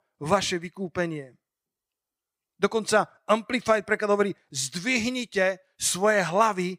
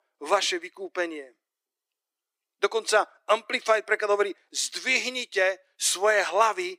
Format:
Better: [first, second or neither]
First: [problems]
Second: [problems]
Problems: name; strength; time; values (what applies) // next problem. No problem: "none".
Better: first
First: none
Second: thin; very; fading below 300 Hz